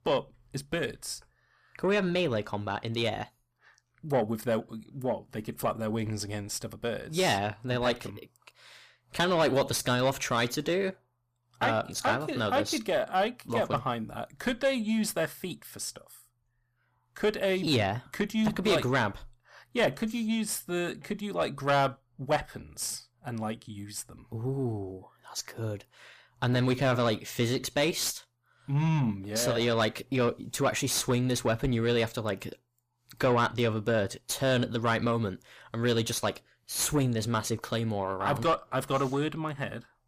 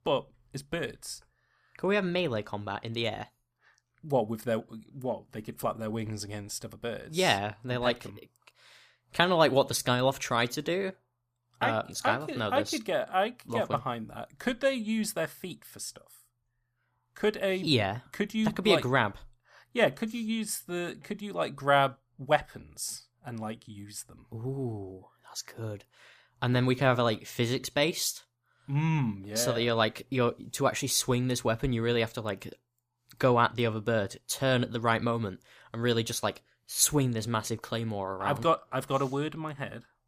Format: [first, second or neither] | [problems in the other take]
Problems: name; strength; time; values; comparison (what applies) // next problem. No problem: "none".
second | distortion; slight; 10 dB below the speech